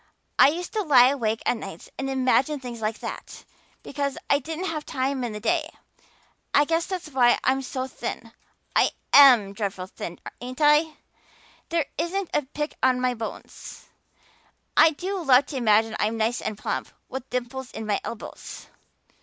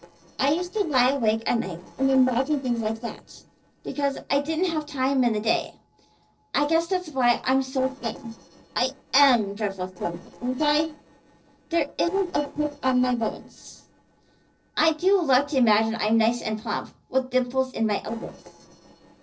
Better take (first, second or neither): first